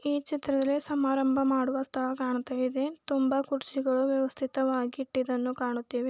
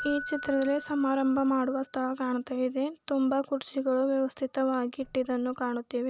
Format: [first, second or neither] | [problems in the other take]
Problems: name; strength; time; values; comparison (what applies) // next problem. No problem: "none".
first | background sound (Keyboard (musical)); 18 dB below the speech